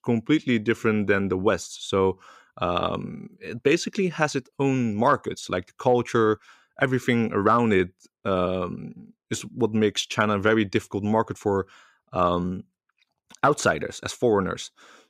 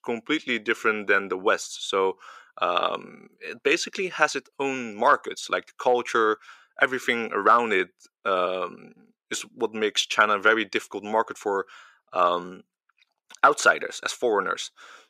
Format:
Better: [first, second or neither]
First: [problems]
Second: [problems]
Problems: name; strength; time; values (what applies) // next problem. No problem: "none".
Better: first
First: none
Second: thin; somewhat; fading below 450 Hz